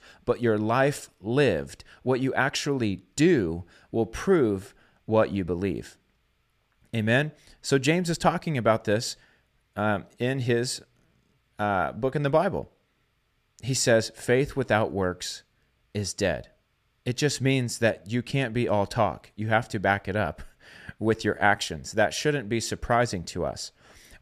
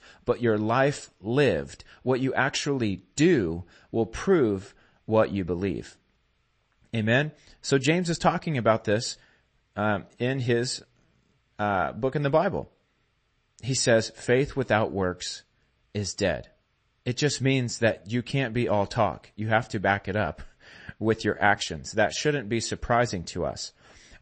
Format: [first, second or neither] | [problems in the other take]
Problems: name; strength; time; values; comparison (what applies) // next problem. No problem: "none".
first | garbled, watery; slightly; nothing above 8 kHz